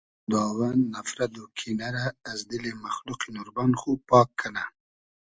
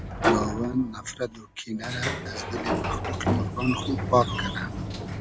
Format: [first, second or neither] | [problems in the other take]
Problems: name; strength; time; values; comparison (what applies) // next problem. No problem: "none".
first | background sound (Sliding door); as loud as the speech